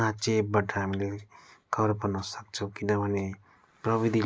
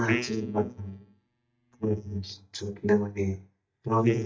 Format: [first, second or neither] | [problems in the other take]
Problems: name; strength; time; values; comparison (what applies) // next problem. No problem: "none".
first | noise reduction (neural mask model DeepFilterNet 3)